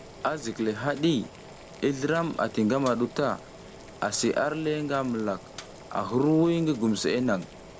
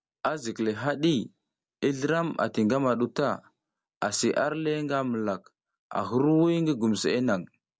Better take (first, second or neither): second